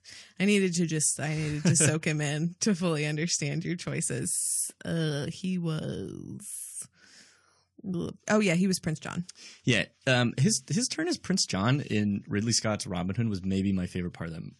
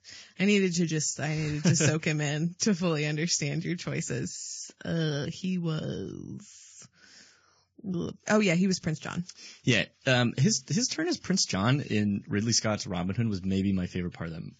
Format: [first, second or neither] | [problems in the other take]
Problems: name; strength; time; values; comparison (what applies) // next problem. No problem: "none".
first | garbled, watery; badly; nothing above 7.5 kHz; slightly in the first